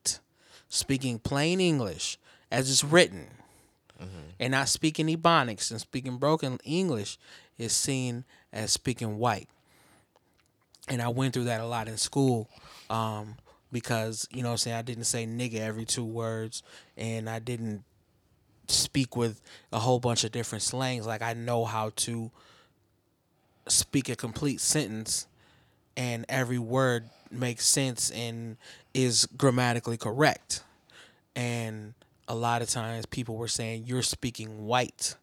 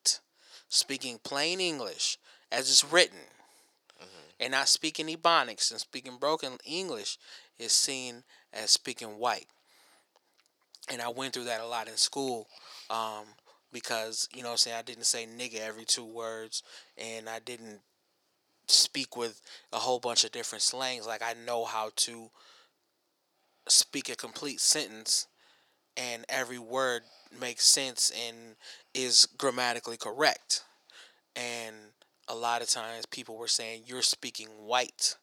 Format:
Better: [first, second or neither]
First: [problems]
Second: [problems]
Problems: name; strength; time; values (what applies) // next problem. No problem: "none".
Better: first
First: none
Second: thin; somewhat; fading below 450 Hz